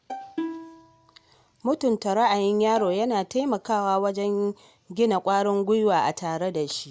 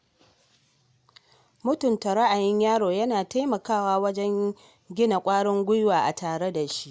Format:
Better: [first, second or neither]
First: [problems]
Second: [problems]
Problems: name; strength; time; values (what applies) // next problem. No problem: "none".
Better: second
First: background sound (Bowed string instrument + Plucked string instrument); 13 dB below the speech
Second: none